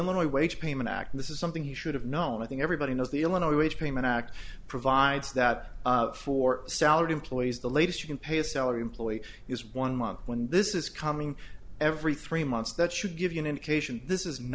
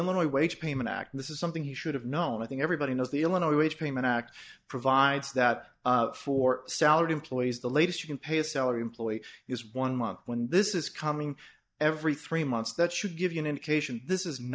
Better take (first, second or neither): first